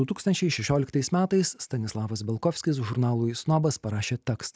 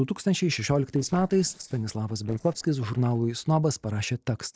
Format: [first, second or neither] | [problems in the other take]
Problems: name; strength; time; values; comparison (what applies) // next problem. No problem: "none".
first | noise reduction (neural separator model SepFormer DNS4)